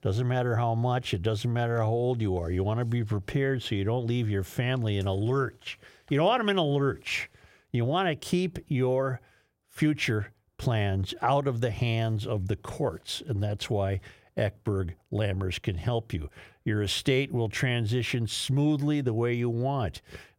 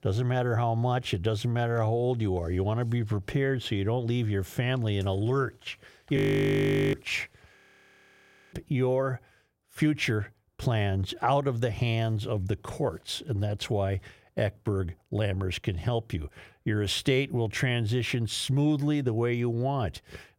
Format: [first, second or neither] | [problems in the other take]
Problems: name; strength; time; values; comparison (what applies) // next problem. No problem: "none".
first | audio freezing; at 6 s for 1 s and at 7.5 s for 1 s